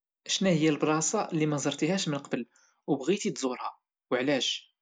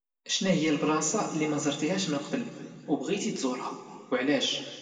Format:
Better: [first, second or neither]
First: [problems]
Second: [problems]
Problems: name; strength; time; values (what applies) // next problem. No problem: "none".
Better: first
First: none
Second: room echo; dies away in 1.7 s